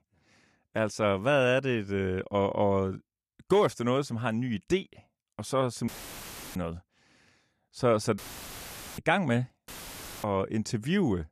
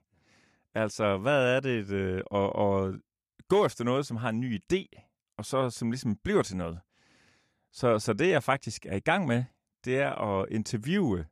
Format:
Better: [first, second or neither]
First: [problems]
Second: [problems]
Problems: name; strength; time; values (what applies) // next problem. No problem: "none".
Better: second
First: audio cutting out; filled with static; at 6 s for 0.5 s, at 8 s for 1 s and at 9.5 s for 0.5 s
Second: none